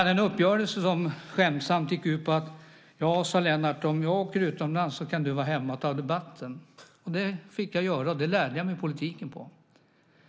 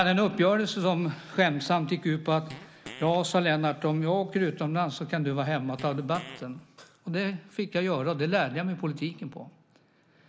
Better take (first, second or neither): first